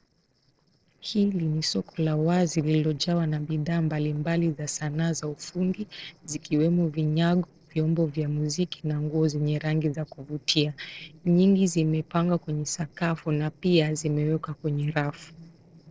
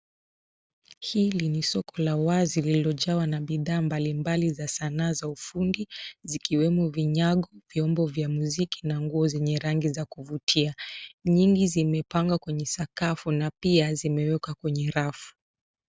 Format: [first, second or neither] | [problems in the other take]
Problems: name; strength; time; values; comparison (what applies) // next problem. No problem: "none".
second | noise reduction (neural separator model SepFormer DNS4)